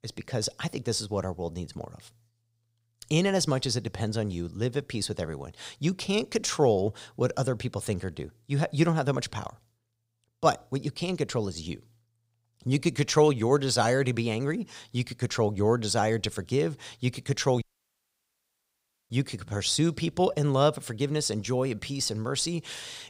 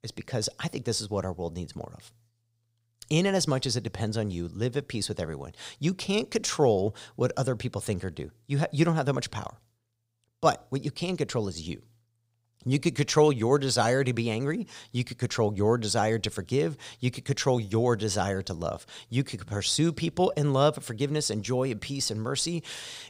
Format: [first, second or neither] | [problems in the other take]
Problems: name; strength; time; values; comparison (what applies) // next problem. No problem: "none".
second | audio cutting out; at 18 s for 1.5 s